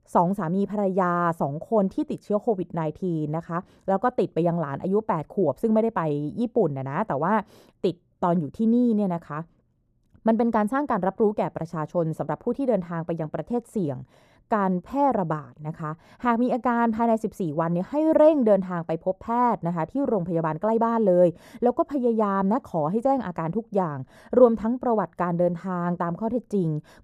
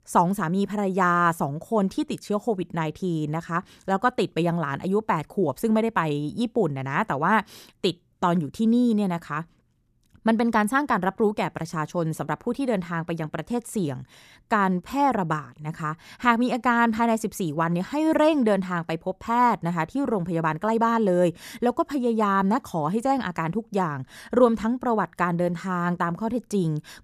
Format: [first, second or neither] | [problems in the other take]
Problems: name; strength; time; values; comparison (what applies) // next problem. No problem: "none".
second | muffled; slightly; fading above 1.5 kHz